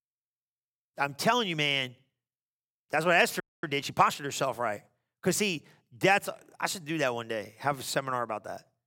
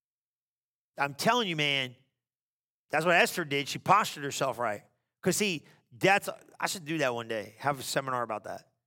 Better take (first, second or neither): second